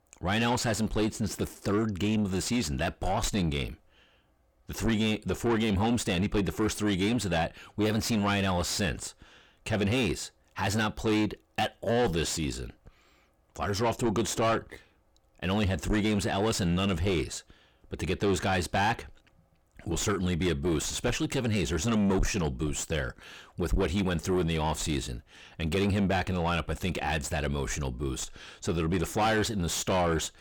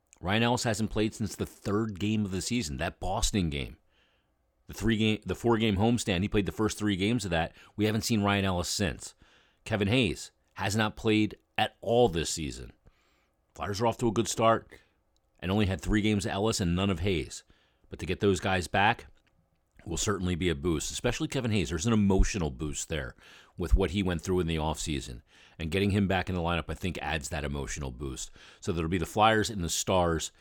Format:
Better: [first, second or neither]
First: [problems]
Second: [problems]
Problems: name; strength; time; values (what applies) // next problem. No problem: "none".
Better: second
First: distortion; heavy; 6 dB below the speech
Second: none